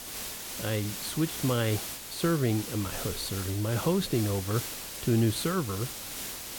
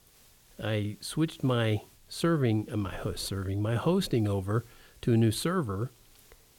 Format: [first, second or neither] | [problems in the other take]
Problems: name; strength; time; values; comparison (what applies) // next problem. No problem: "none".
second | hiss; loud; throughout; 6 dB below the speech; faint in the second